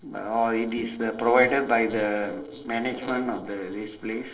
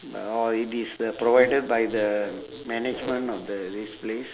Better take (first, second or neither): second